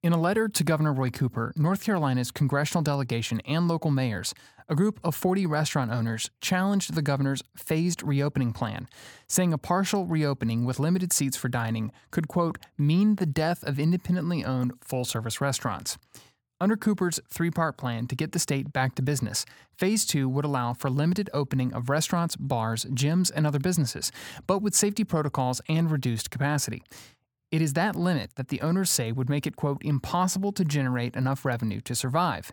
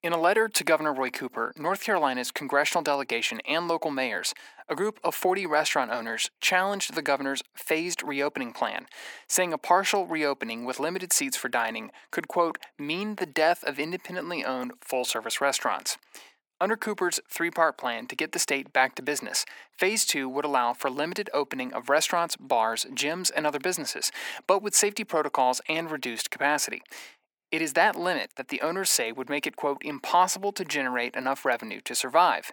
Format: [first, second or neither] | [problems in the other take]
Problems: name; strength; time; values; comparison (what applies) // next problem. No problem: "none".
first | thin; very; fading below 300 Hz